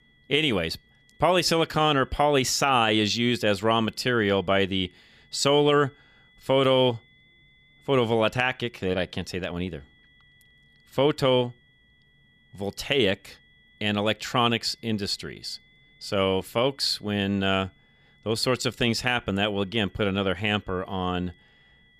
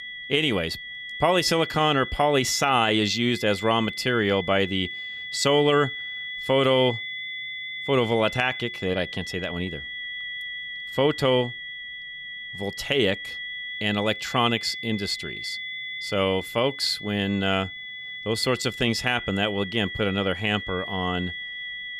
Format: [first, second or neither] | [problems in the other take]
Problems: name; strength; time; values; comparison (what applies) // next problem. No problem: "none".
first | high-pitched whine; loud; throughout; 2 kHz, 9 dB below the speech; faint in the first